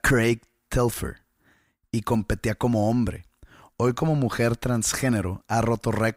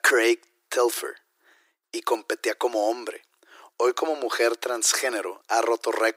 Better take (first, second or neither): first